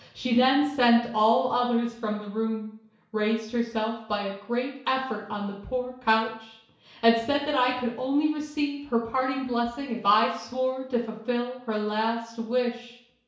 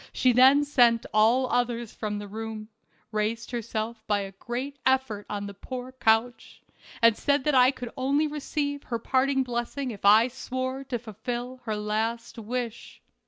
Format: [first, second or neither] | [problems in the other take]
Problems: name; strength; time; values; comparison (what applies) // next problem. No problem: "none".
second | room echo; dies away in 0.6 s